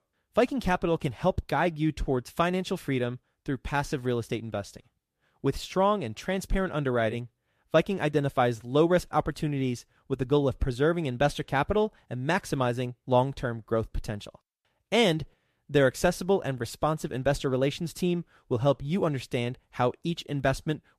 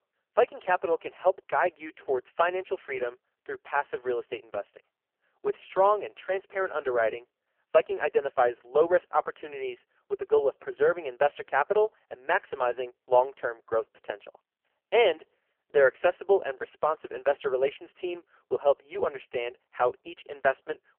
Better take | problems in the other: first | phone-call audio; poor line; nothing above 3 kHz

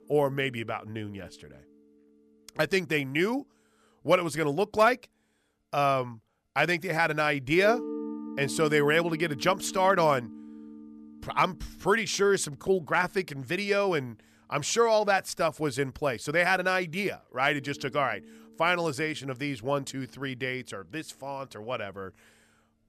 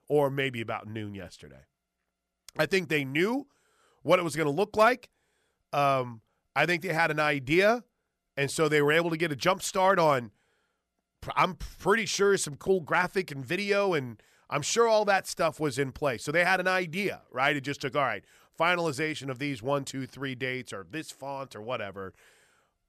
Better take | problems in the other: second | background music; noticeable; throughout; 15 dB below the speech

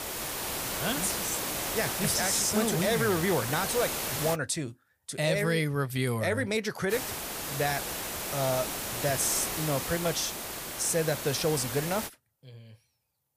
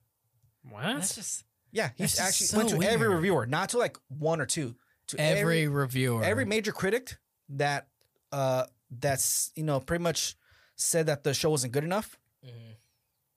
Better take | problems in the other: second | hiss; loud; until 4.5 s and from 7 to 12 s; 3 dB below the speech

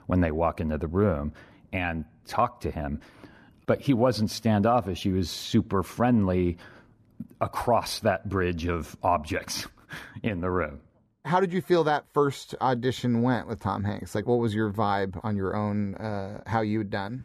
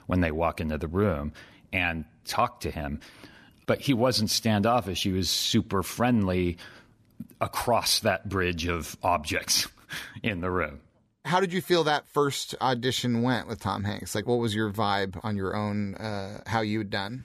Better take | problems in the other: second | muffled; slightly; fading above 2 kHz

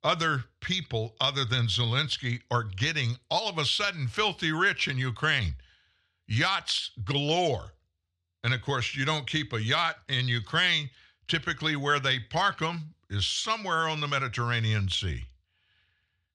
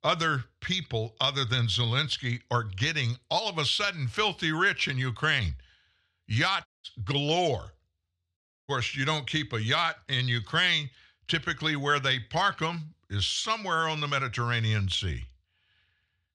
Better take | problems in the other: first | audio cutting out; at 6.5 s and at 8.5 s

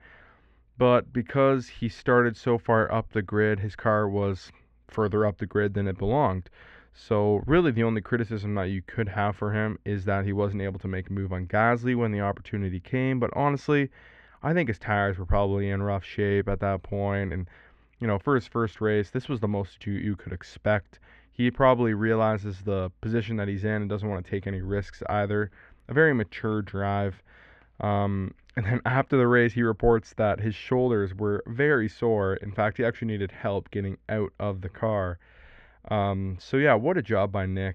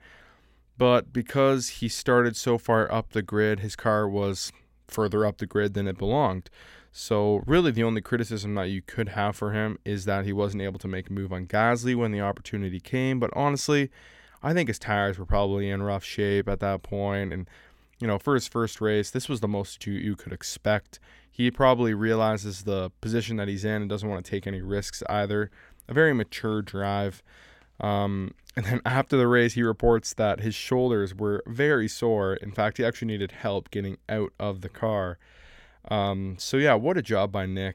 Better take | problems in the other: second | muffled; very; fading above 2 kHz

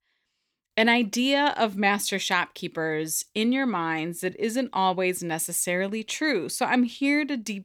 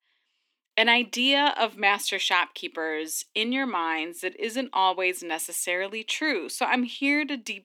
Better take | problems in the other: first | thin; very slightly; fading below 250 Hz

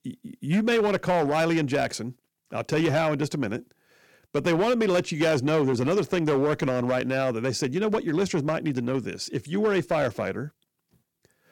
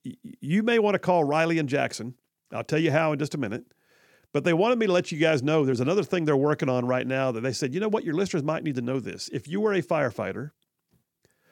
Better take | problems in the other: second | distortion; slight; 8% of the sound clipped

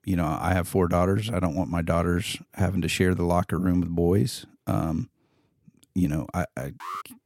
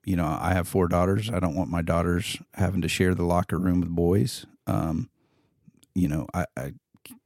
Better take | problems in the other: second | alarm; faint; at 7 s; peak 10 dB below the speech

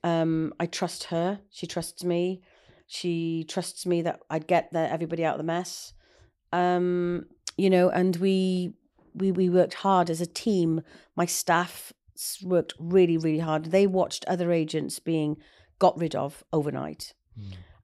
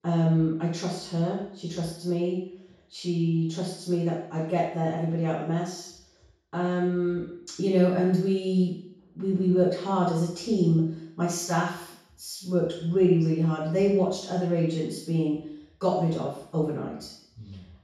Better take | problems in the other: first | room echo; noticeable; dies away in 0.6 s // off-mic speech; far

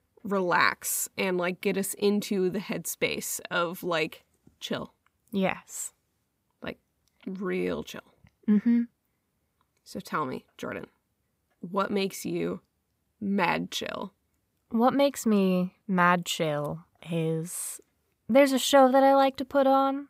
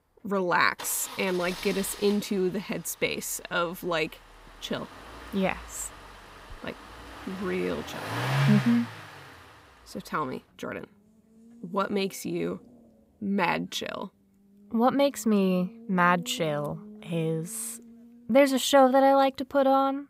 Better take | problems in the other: first | traffic noise; noticeable; throughout; 10 dB below the speech

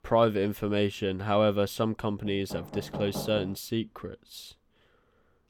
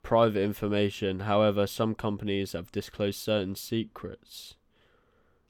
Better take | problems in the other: second | door banging; noticeable; from 2 to 3.5 s; peak 8 dB below the speech

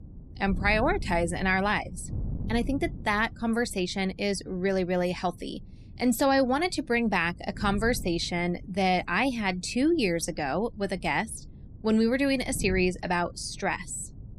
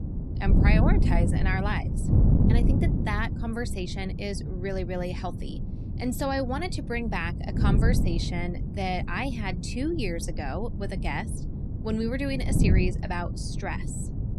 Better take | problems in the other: first | wind noise on the microphone; heavy; 6 dB below the speech; occasional gusts in the first

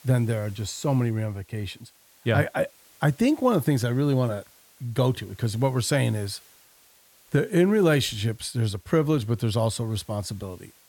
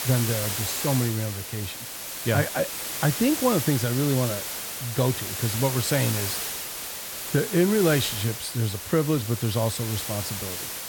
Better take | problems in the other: first | hiss; loud; throughout; 4 dB below the speech; faint in the first

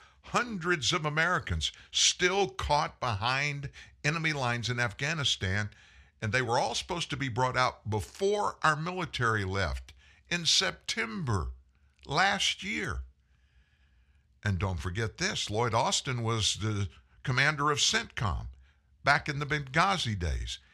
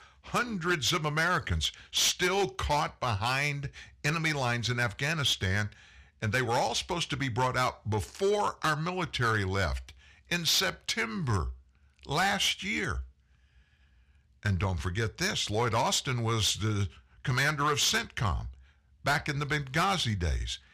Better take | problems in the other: first | distortion; slight; 5% of the sound clipped

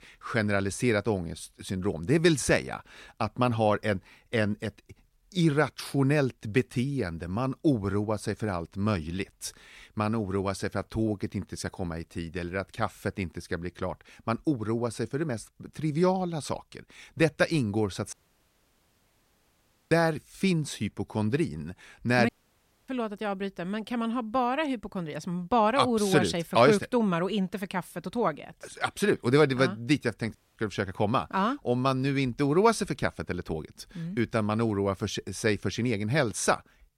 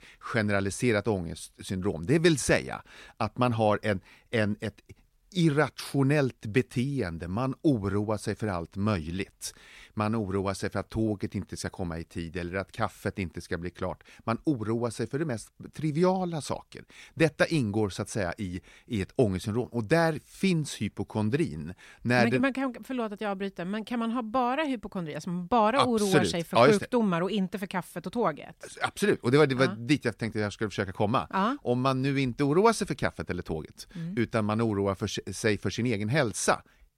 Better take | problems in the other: second | audio cutting out; at 18 s for 2 s, at 22 s for 0.5 s and at 30 s

